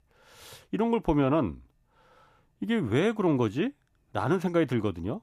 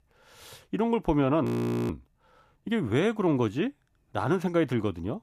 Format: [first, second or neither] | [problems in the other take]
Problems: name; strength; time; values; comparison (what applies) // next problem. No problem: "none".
first | audio freezing; at 1.5 s